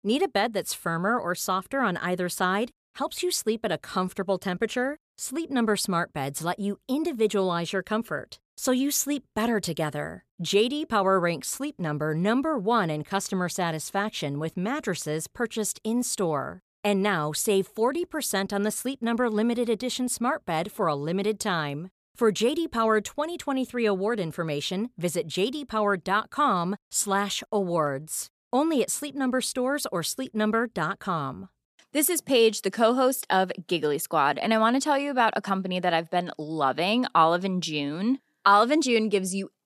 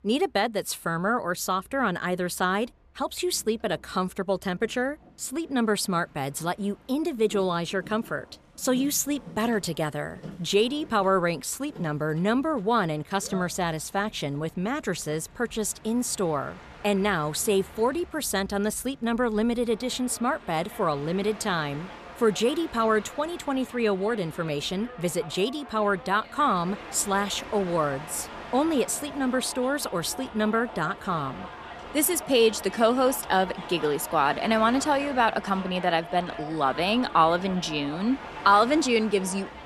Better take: first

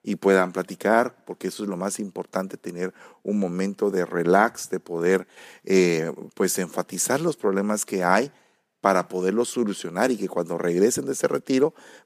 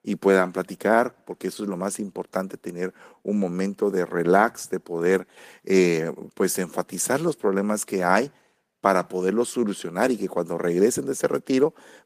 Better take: first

